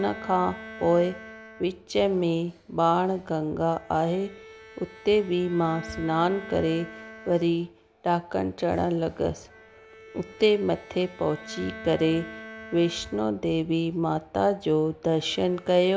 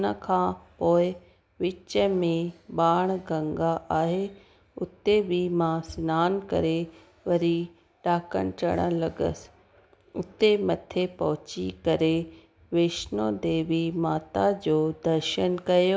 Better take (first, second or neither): second